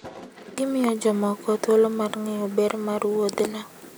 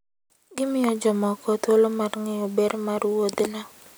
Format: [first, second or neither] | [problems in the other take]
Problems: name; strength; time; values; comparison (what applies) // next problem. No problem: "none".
second | background sound (Thunder); 19 dB below the speech